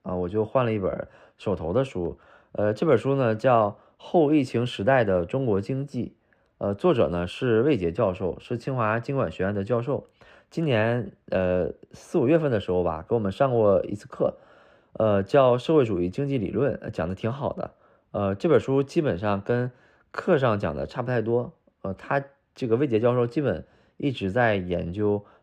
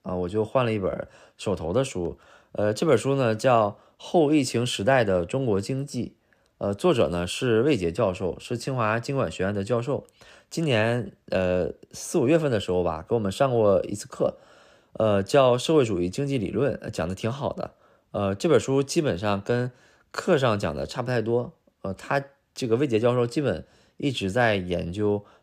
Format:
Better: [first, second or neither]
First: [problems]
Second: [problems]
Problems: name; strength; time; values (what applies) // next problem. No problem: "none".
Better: second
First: muffled; slightly; fading above 4 kHz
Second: none